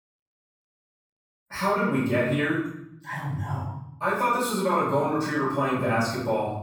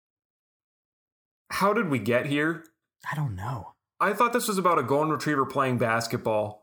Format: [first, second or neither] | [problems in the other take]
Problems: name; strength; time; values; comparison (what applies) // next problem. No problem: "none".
second | off-mic speech; far // room echo; noticeable; dies away in 0.8 s